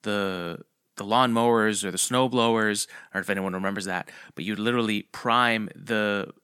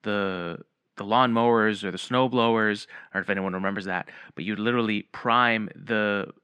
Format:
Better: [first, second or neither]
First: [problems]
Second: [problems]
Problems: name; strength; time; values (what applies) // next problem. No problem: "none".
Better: first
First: none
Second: muffled; slightly; fading above 2.5 kHz